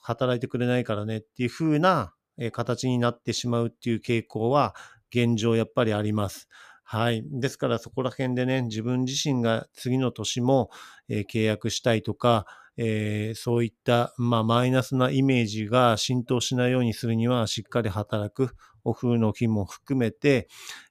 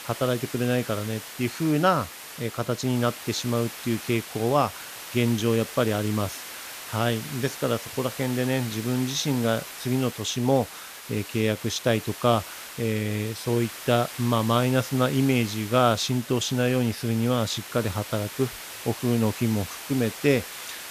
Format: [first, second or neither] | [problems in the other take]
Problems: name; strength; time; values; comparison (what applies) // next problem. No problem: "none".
first | hiss; noticeable; throughout; 10 dB below the speech